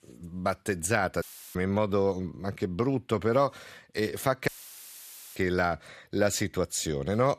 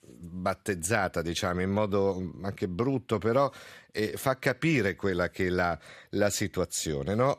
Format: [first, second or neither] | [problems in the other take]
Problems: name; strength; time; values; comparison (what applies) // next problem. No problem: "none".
second | audio cutting out; filled with static; at 1 s and at 4.5 s for 1 s